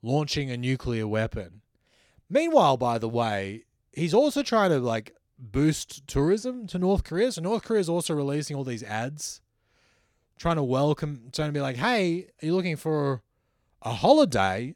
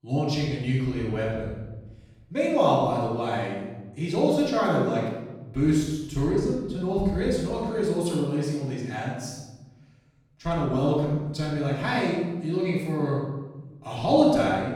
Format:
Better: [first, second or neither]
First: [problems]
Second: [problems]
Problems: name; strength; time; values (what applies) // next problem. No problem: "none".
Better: first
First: none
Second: room echo; strong; dies away in 1.1 s // off-mic speech; far